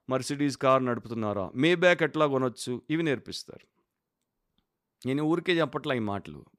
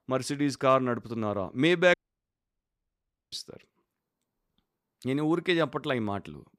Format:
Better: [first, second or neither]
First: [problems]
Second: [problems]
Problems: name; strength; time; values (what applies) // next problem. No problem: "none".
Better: first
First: none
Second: audio cutting out; at 2 s for 1.5 s